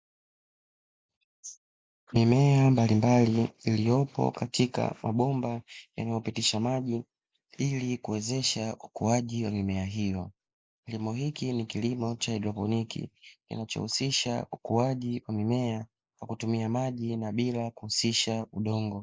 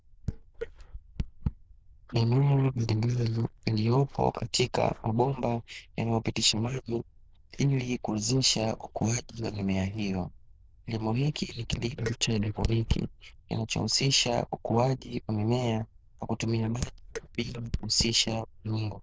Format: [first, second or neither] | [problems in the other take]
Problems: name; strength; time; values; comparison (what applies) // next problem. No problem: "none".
first | noise reduction (neural diffusion model UNIVERSE++)